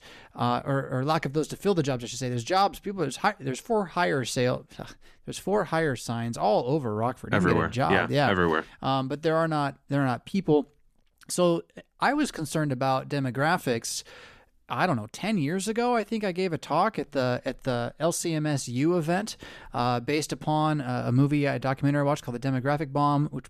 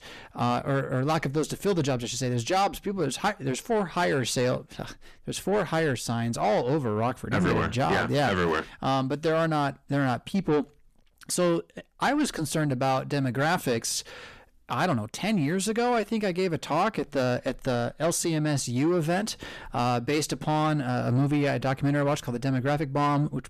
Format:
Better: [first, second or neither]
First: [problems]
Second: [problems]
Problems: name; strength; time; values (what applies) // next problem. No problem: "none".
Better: first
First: none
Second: distortion; slight; 10 dB below the speech